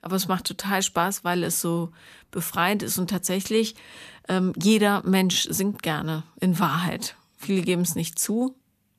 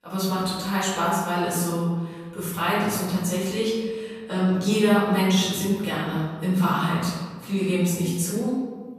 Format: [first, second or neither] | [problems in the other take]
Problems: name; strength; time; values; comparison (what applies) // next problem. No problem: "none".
first | room echo; strong; dies away in 1.4 s // off-mic speech; far